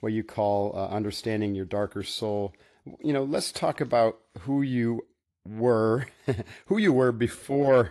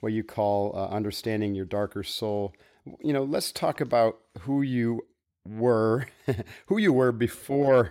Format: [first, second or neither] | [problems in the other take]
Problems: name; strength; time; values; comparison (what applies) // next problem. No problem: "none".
second | garbled, watery; slightly; nothing above 11.5 kHz